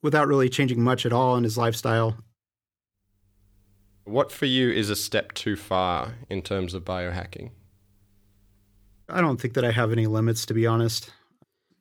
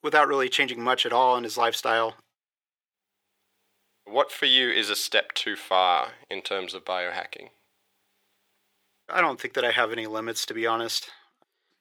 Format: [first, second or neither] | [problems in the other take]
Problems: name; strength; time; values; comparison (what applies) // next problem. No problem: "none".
first | thin; very; fading below 500 Hz